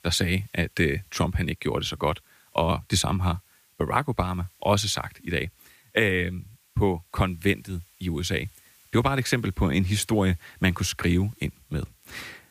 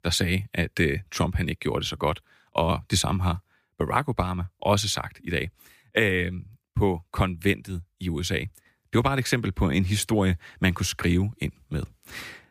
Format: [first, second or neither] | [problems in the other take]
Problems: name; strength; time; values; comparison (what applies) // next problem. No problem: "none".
second | hiss; faint; throughout; 30 dB below the speech